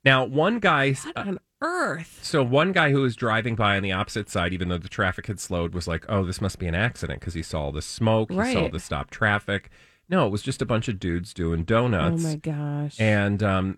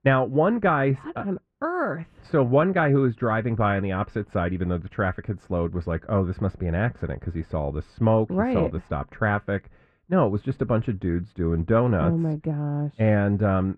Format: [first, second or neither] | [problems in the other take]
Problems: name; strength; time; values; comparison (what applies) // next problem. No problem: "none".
first | muffled; very; fading above 3 kHz